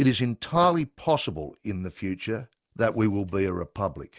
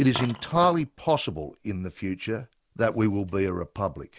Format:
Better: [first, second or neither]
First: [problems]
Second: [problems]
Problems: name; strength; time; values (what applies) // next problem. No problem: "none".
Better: first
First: none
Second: background sound (Coin (dropping)); 18 dB below the speech